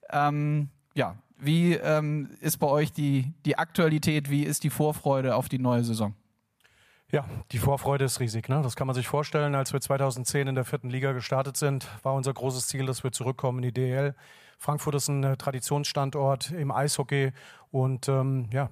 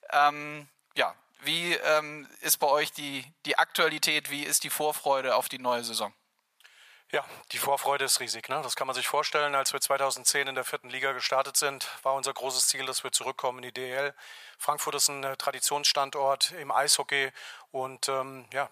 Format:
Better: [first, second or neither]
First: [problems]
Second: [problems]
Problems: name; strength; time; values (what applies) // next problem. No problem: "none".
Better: first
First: none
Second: thin; very; fading below 750 Hz